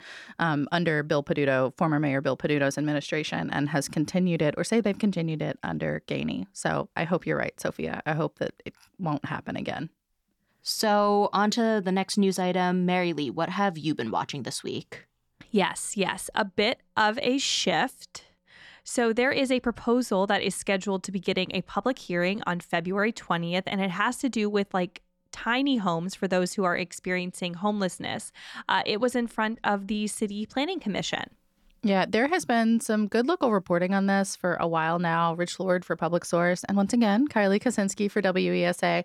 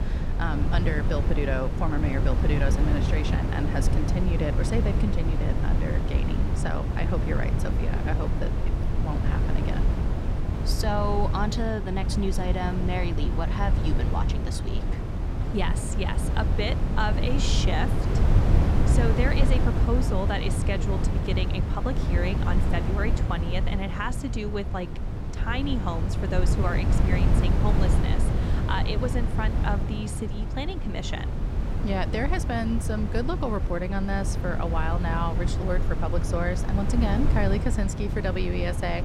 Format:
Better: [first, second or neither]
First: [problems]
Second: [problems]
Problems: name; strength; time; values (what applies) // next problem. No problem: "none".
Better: first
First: none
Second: wind noise on the microphone; heavy; 4 dB below the speech